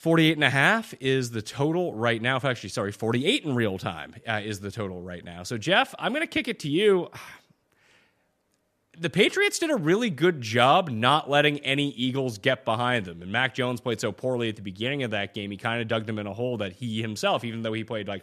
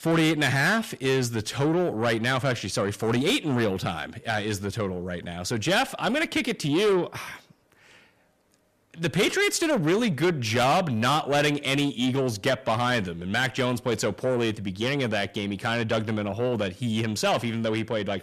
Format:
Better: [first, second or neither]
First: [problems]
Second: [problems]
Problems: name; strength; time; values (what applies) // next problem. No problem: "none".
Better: first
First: none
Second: distortion; heavy; 7 dB below the speech